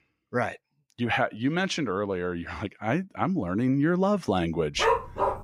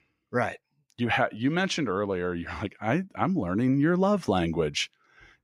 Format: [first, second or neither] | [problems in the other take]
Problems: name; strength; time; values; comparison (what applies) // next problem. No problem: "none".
second | dog barking; loud; at 5 s; peak 2 dB above the speech